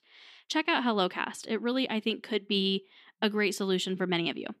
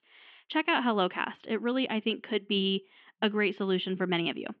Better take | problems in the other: first | muffled; very; fading above 3 kHz

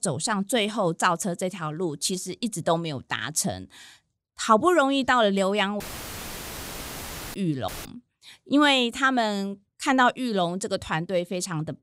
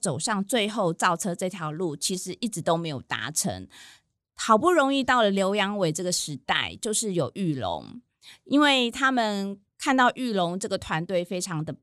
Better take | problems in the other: second | audio cutting out; filled with static; at 6 s for 1.5 s and at 7.5 s

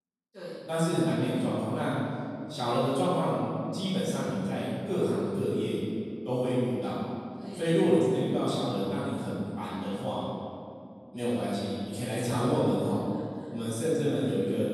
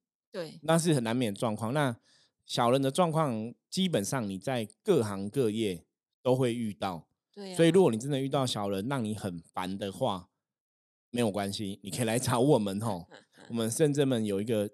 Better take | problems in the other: second | off-mic speech; far // room echo; strong; dies away in 2.3 s

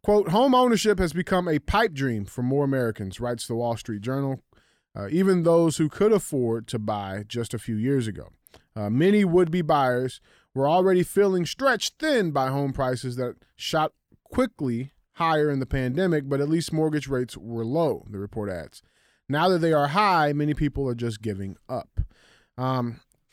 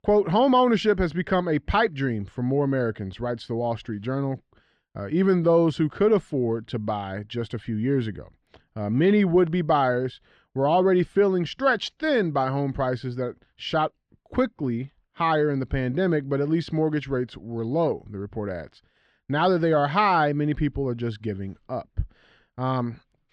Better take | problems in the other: first | muffled; slightly; fading above 4 kHz

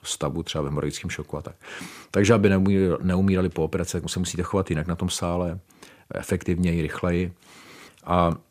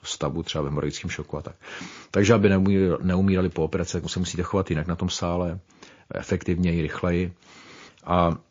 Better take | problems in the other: first | garbled, watery; slightly

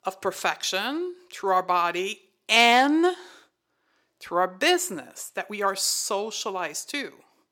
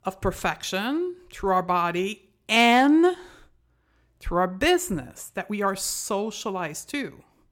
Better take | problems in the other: second | thin; very slightly; fading below 350 Hz

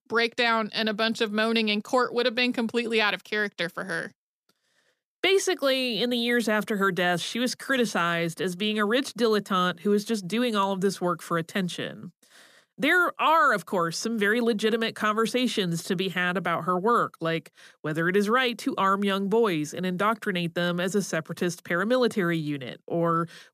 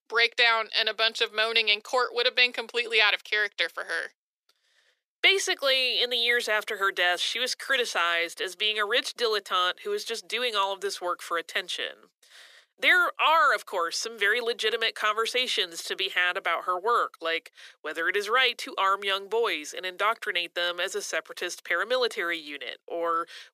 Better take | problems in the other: first | thin; very; fading below 400 Hz

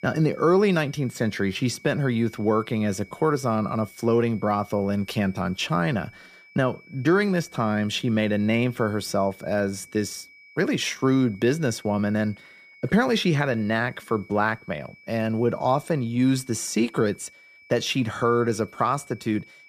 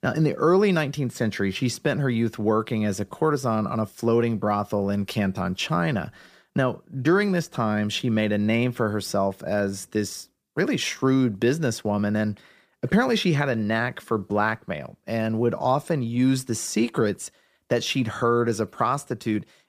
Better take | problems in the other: second | high-pitched whine; faint; throughout; 2.5 kHz, 25 dB below the speech

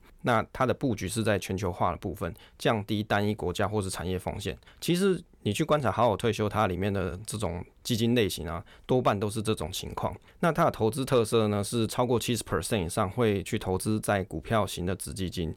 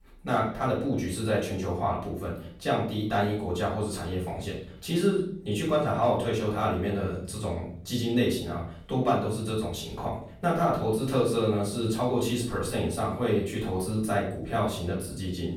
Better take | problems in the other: first | room echo; noticeable; dies away in 0.5 s // off-mic speech; far

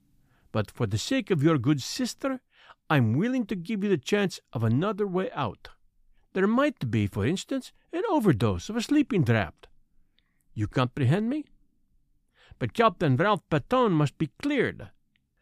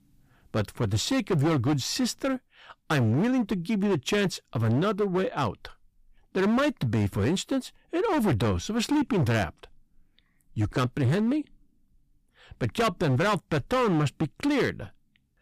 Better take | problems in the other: first | distortion; heavy; 14% of the sound clipped

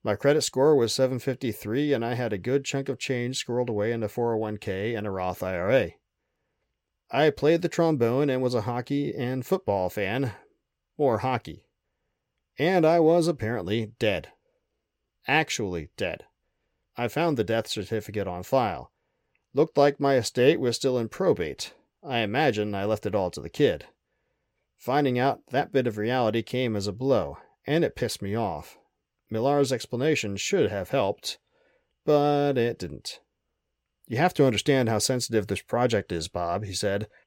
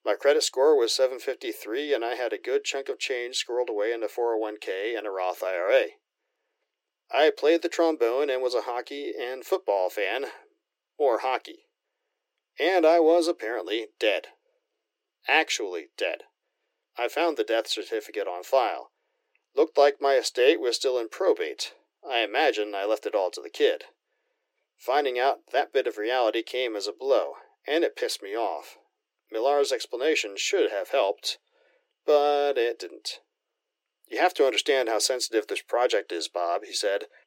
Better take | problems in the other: first | thin; very; fading below 300 Hz

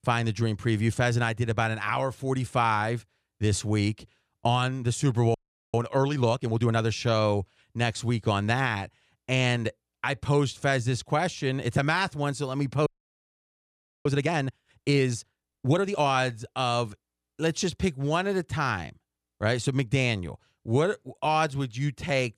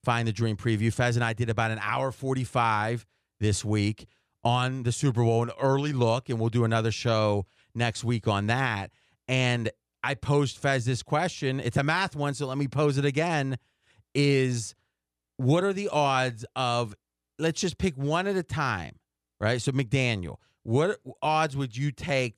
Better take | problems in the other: second | audio freezing; at 5.5 s and at 13 s for 1 s

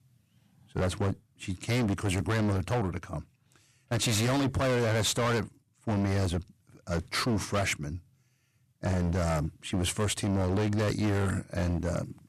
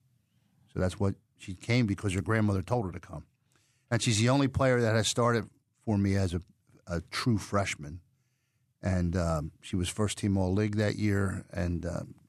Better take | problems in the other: second | distortion; heavy; 22% of the sound clipped

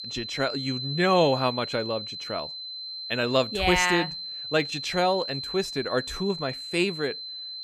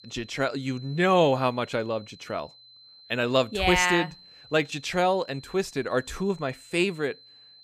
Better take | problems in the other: second | high-pitched whine; loud; throughout; 4 kHz, 7 dB below the speech; faint in the second

